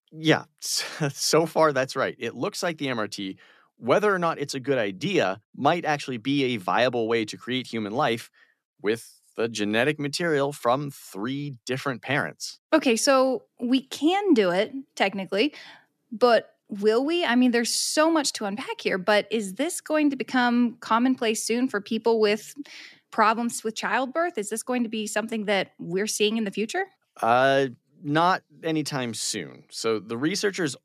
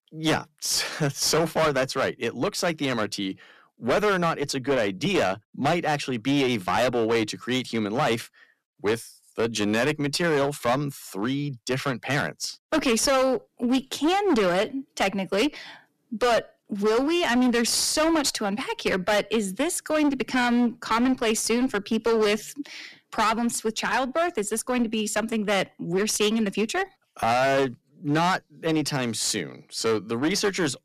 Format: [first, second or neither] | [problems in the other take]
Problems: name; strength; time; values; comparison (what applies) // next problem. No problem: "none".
first | distortion; heavy; 13% of the sound clipped